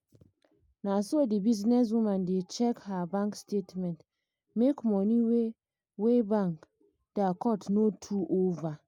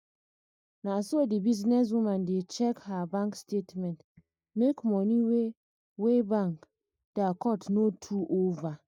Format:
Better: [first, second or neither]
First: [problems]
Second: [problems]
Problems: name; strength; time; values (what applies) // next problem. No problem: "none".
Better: first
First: none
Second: noise reduction (neural mask model DeepFilterNet 3)